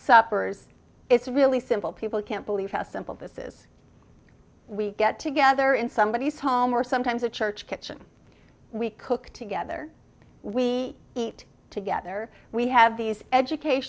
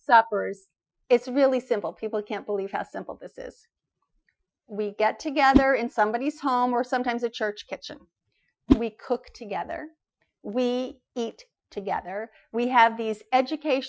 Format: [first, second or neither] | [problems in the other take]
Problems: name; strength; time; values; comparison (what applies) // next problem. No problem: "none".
first | noise reduction (classical method Wiener filter)